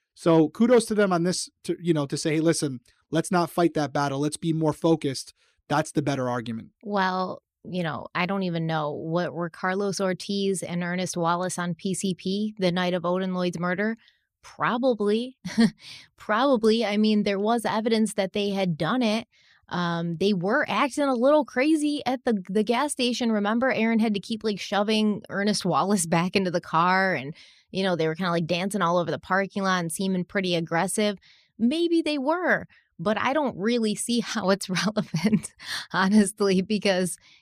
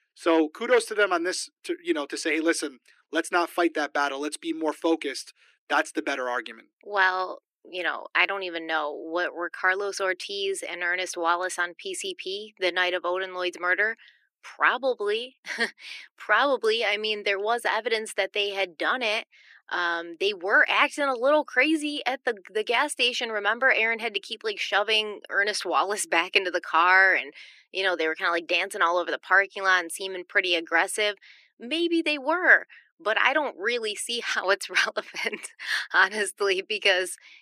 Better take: first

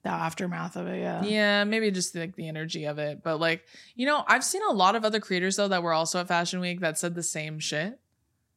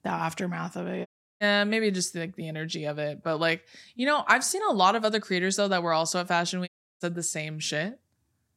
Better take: first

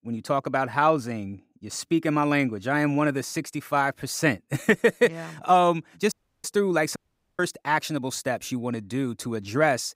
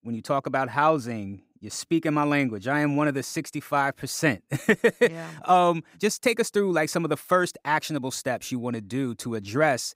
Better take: second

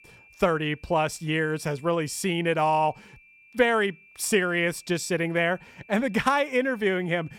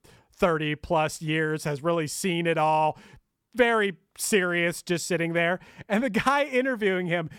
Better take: second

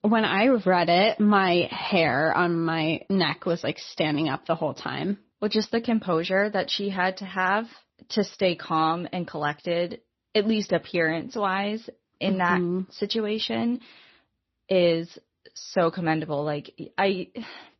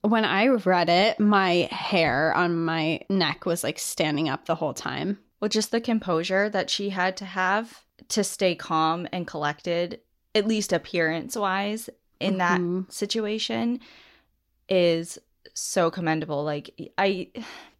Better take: second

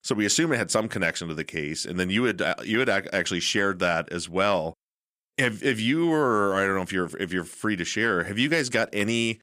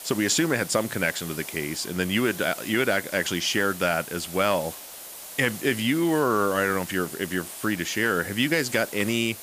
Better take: first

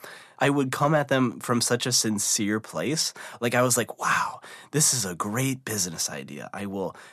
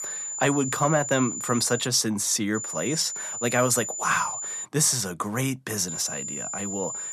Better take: first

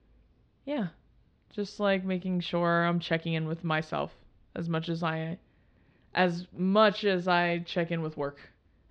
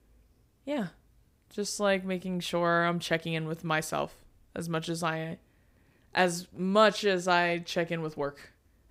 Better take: second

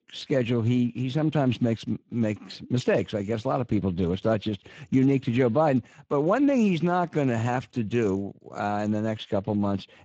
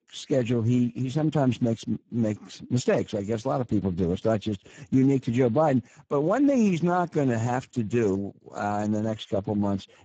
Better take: first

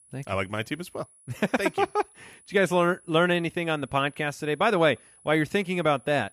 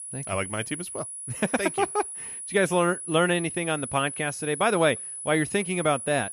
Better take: first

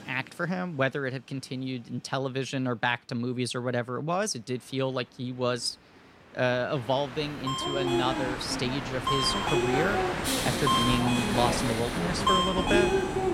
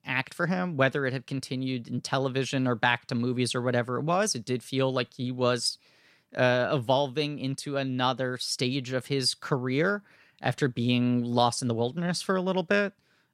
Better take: second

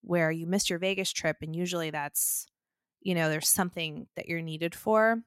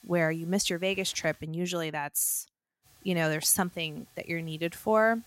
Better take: first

